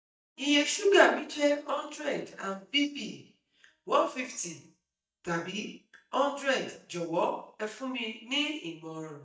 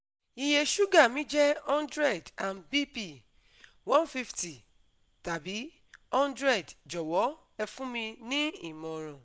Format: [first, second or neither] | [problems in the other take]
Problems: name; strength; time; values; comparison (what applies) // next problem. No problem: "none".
second | noise reduction (neural mask model DeepFilterNet 3)